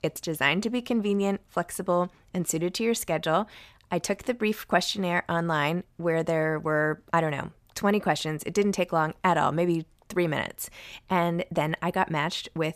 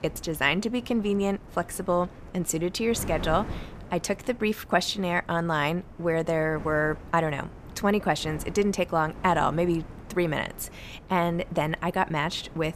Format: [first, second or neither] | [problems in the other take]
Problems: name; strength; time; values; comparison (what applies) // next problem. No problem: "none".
first | wind noise on the microphone; occasional gusts; 20 dB below the speech